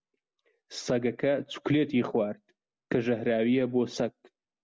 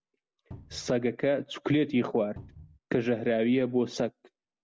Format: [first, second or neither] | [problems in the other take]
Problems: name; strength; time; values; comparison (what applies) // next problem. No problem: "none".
first | background sound (Cupboard open or close); 17 dB below the speech